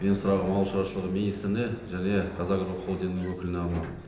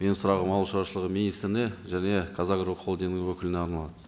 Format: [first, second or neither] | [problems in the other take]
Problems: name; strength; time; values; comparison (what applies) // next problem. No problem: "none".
second | background sound (Sliding door); 17 dB below the speech // room echo; dies away in 0.8 s